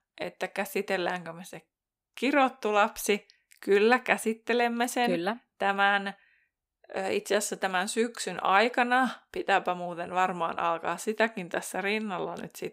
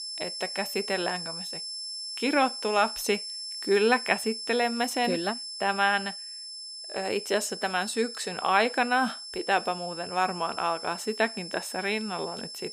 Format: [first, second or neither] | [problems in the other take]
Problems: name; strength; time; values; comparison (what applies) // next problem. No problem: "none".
first | high-pitched whine; loud; throughout; 5.5 kHz, 8 dB below the speech